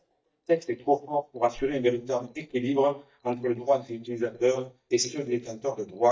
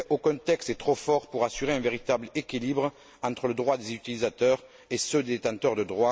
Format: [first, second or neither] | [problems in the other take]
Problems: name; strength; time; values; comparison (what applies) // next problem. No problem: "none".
second | noise reduction (neural mask model DeepFilterNet 3)